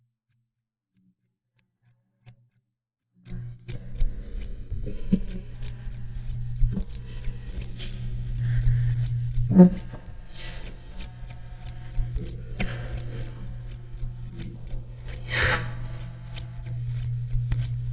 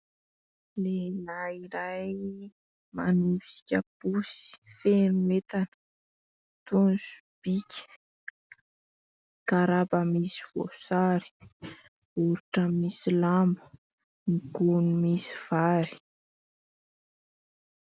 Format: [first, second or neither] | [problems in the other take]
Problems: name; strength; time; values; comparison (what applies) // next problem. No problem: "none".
second | noise reduction (neural mask model DeepFilterNet 3)